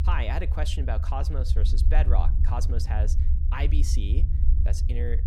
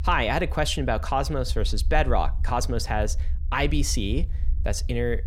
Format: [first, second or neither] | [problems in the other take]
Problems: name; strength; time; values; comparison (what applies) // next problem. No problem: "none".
second | low rumble; loud; throughout; 8 dB below the speech; faint in the second